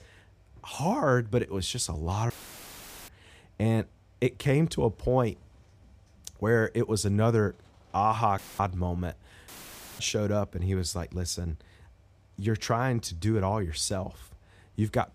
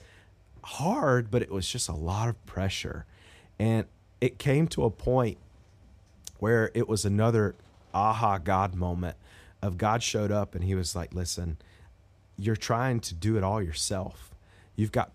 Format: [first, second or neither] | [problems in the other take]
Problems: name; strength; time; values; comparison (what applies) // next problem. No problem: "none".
second | audio cutting out; filled with static; at 2.5 s for 1 s, at 8.5 s and at 9.5 s for 0.5 s